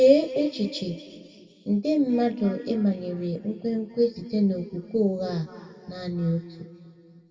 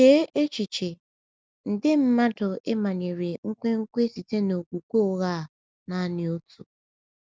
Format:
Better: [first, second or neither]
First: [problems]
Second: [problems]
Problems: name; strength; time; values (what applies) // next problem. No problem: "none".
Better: second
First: room echo; dies away in 2.1 s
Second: none